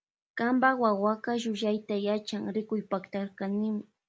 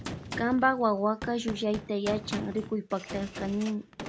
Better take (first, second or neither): first